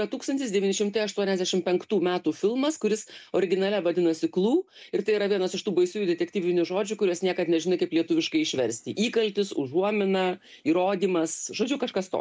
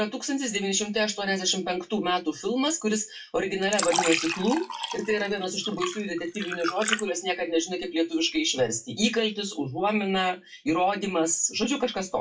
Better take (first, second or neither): first